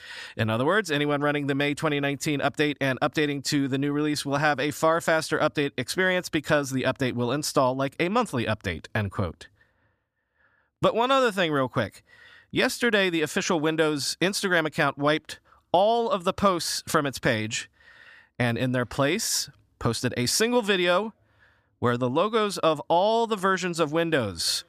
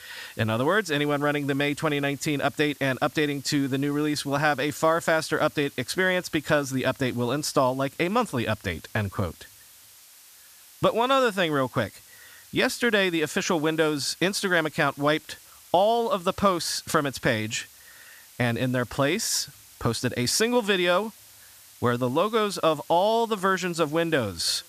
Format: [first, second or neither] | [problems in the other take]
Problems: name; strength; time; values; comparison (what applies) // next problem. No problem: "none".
first | hiss; faint; throughout; 25 dB below the speech